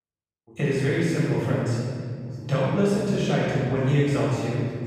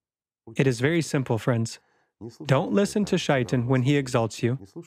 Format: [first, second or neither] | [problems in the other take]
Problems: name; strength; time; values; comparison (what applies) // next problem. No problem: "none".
second | off-mic speech; far // room echo; strong; dies away in 2.2 s